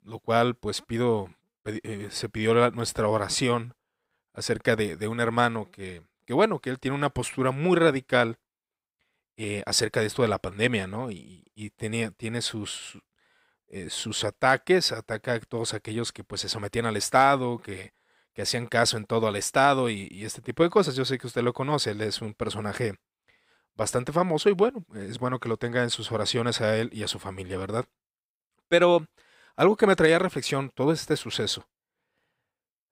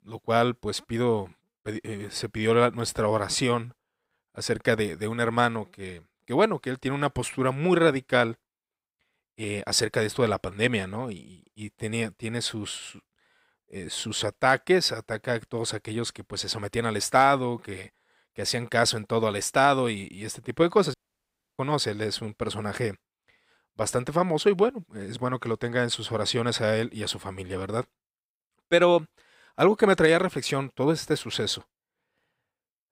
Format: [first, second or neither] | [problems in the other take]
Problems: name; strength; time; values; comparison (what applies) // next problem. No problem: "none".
first | audio cutting out; at 21 s for 0.5 s